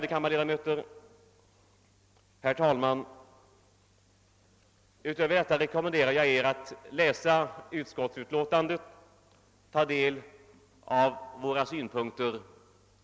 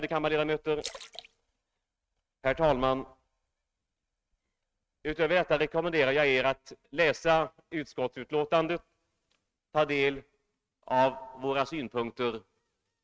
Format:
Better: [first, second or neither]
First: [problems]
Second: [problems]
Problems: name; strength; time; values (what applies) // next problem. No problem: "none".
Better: first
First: none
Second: noise reduction (neural mask model RNNoise)